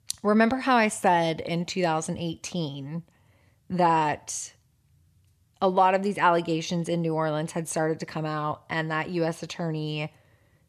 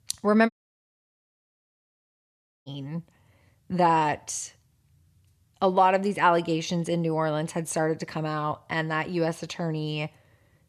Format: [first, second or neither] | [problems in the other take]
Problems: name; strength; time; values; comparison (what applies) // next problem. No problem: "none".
first | audio cutting out; at 0.5 s for 2 s